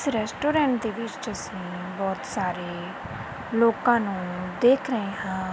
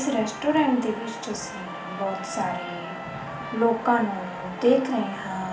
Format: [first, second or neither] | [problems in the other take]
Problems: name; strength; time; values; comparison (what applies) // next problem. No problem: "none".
first | background sound (Trumpet); 15 dB below the speech // room echo; dies away in 0.4 s